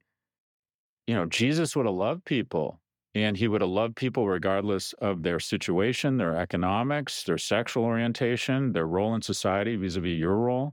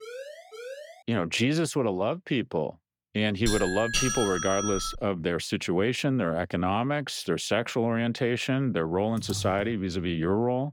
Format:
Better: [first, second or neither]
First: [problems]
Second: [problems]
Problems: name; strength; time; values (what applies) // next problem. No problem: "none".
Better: first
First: none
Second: siren; faint; until 1 s; peak 15 dB below the speech // doorbell; loud; from 3.5 to 5 s; peak 1 dB above the speech // keyboard typing; noticeable; at 9 s; peak 10 dB below the speech